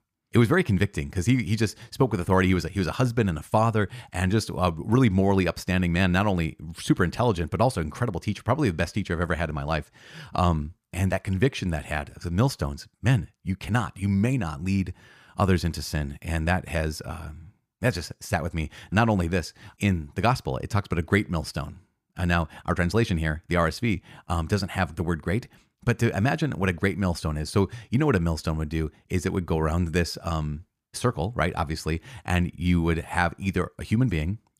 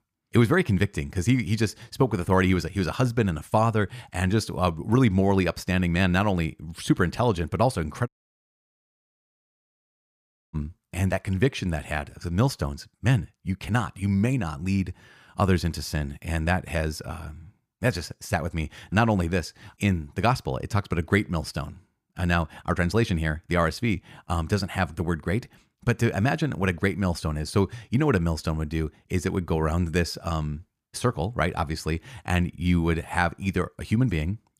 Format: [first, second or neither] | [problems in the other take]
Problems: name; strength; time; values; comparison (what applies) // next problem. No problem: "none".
first | audio cutting out; at 8 s for 2.5 s